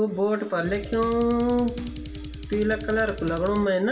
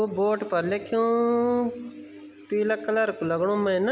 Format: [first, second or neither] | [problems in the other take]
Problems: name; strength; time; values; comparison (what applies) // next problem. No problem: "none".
second | background sound (Drum kit); 12 dB below the speech // room echo; dies away in 0.2 s